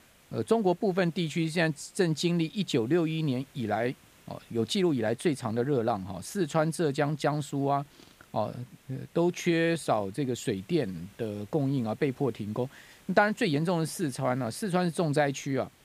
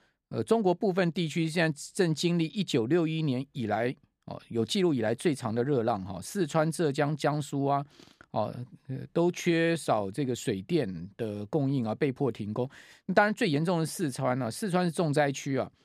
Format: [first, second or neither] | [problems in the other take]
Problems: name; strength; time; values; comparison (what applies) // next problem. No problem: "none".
second | hiss; faint; throughout; 30 dB below the speech